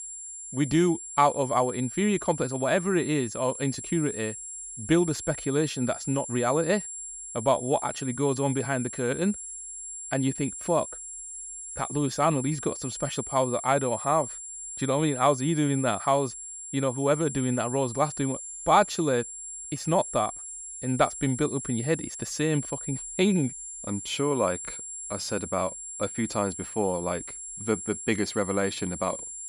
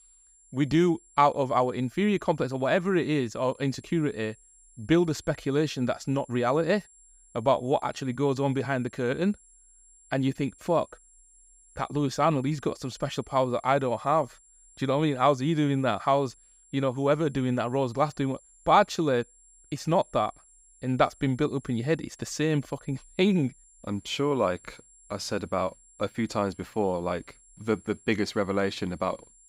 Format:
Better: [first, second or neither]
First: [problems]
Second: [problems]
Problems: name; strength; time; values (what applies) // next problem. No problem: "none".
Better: second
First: high-pitched whine; loud; throughout; 7.5 kHz, 8 dB below the speech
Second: high-pitched whine; faint; throughout; 7.5 kHz, 30 dB below the speech